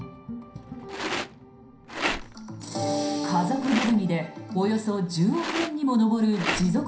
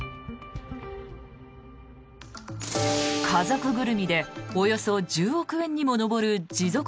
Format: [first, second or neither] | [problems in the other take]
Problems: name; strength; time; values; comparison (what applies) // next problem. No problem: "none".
second | background sound (Rattle); 9 dB below the speech // room echo; dies away in 0.5 s